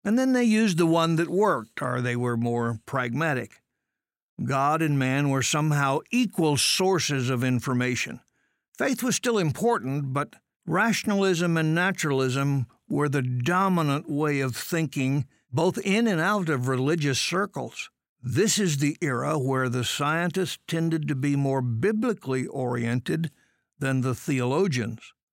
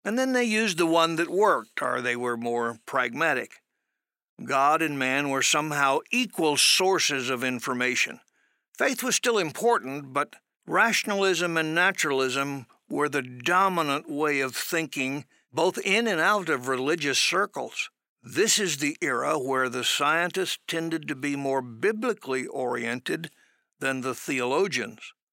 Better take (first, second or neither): first